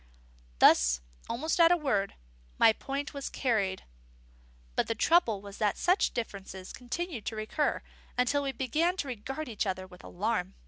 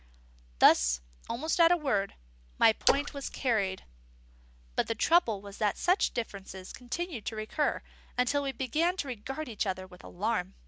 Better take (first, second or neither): first